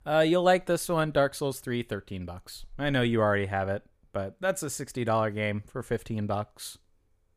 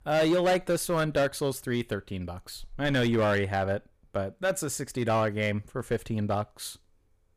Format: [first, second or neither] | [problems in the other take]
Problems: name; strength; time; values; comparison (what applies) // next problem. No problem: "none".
first | distortion; slight; 6% of the sound clipped